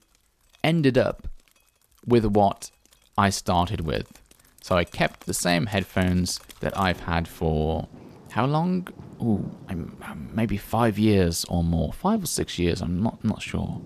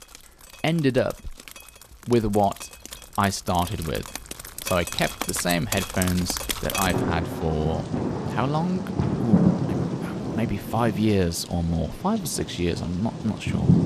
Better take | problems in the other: first | rain or running water; loud; throughout; 3 dB below the speech; faint in the first

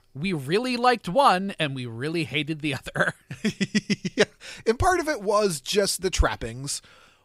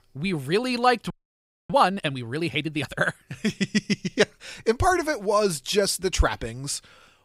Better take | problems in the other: first | audio freezing; at 1 s for 0.5 s

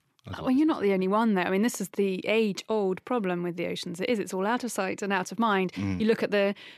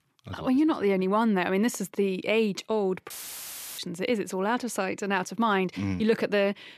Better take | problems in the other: first | audio cutting out; filled with static; at 3 s for 0.5 s

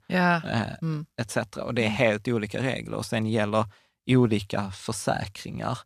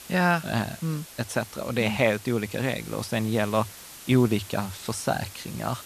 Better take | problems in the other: first | hiss; noticeable; throughout; 15 dB below the speech

